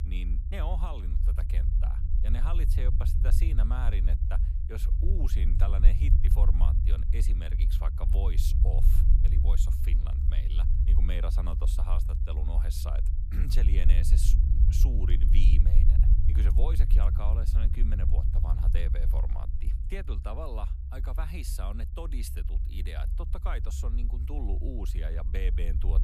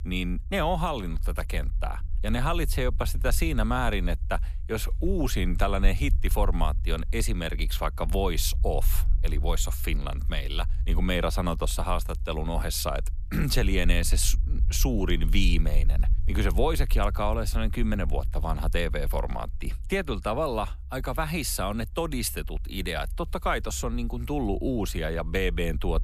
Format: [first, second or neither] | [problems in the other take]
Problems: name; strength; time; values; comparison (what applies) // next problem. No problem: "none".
second | low rumble; loud; throughout; 4 dB below the speech; faint in the second